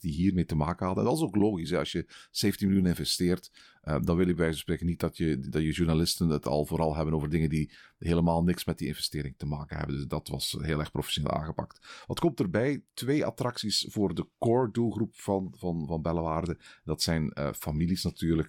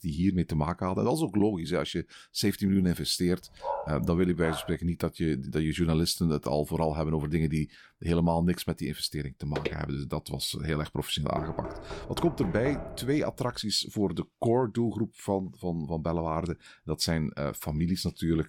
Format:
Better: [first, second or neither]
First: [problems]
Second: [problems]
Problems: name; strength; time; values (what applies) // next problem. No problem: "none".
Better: first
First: none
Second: dog barking; noticeable; from 3.5 to 5 s; peak 5 dB below the speech // footsteps; noticeable; at 9.5 s; peak 6 dB below the speech // door banging; noticeable; from 11 to 14 s; peak 7 dB below the speech